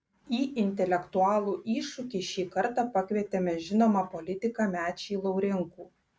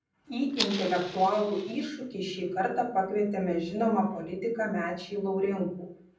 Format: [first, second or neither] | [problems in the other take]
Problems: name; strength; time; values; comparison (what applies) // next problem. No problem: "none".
first | background sound (Fire); 9 dB below the speech // room echo; dies away in 0.6 s